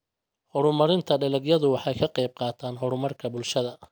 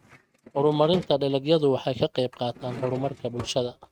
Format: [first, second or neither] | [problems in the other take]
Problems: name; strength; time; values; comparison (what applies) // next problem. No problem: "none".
first | noise reduction (neural mask model RNNoise)